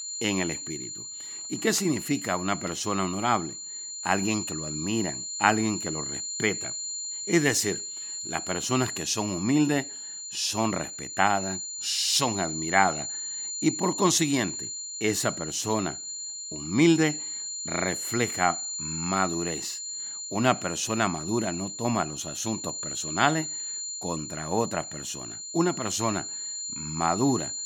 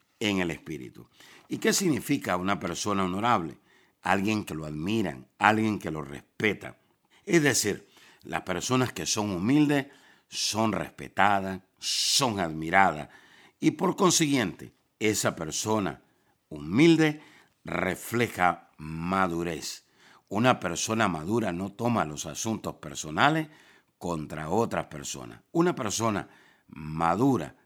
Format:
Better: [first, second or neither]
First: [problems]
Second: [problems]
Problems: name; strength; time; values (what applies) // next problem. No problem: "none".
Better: second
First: high-pitched whine; loud; throughout; 7 kHz, 5 dB below the speech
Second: none